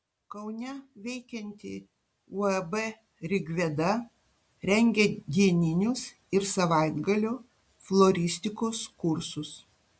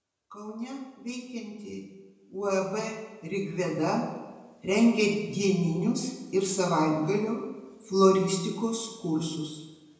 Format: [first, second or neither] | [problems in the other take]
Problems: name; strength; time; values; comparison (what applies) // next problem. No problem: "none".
first | room echo; dies away in 0.9 s